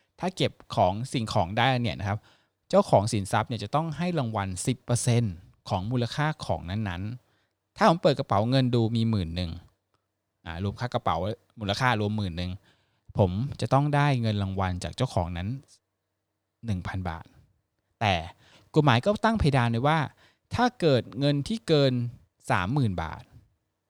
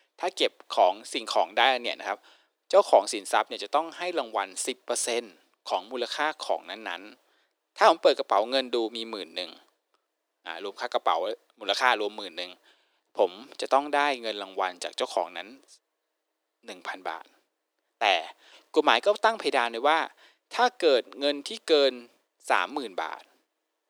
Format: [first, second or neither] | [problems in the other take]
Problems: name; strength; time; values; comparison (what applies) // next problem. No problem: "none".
first | thin; very; fading below 350 Hz